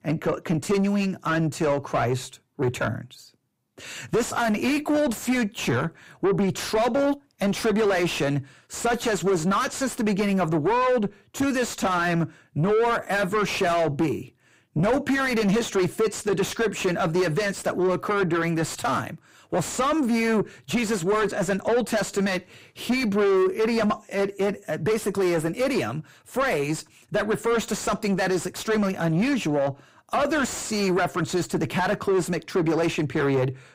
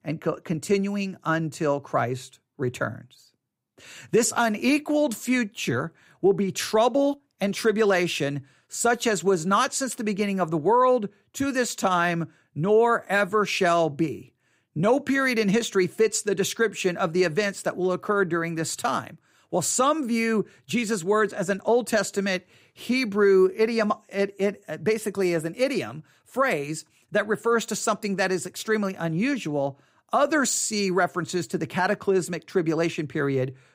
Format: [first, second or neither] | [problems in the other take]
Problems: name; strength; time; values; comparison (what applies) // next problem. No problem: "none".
second | distortion; heavy; 7 dB below the speech